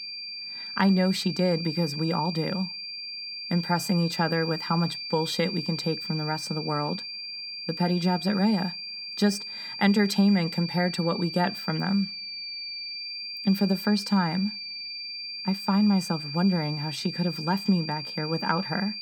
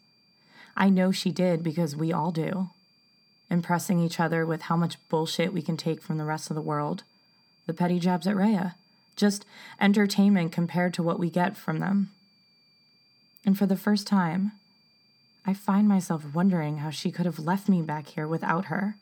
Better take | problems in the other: second | high-pitched whine; loud; throughout; 4.5 kHz, 7 dB below the speech; faint in the second

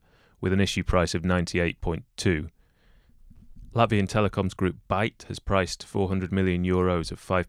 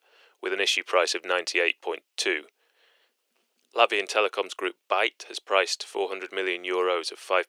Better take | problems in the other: first | thin; very; fading below 400 Hz

